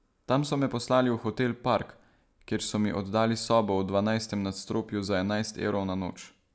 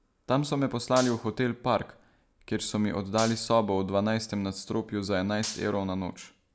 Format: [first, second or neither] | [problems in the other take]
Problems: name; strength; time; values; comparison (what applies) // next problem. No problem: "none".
first | background sound (Gunshot, gunfire); 15 dB below the speech